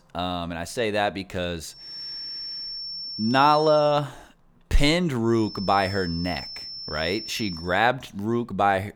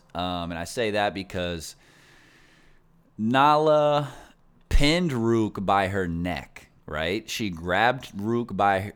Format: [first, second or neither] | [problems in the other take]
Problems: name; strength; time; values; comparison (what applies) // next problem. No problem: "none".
second | high-pitched whine; loud; from 2 to 4 s and from 5.5 to 7.5 s; 5.5 kHz, 9 dB below the speech